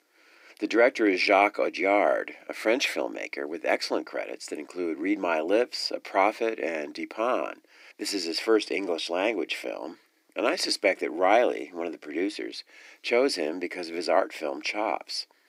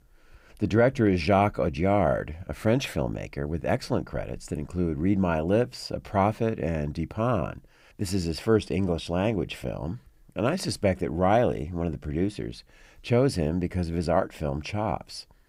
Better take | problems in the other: second | thin; somewhat; fading below 300 Hz

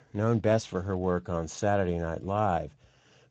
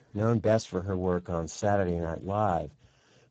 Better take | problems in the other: first | garbled, watery; badly; nothing above 7.5 kHz; slightly in the first

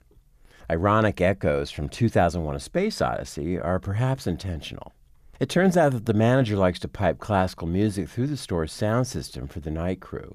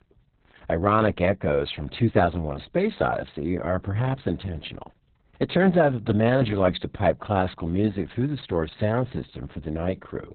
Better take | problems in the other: first | garbled, watery; badly; nothing above 4 kHz

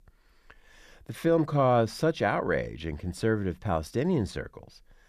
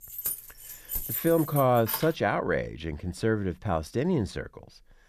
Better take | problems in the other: first | jangling keys; noticeable; until 2 s; peak 3 dB below the speech

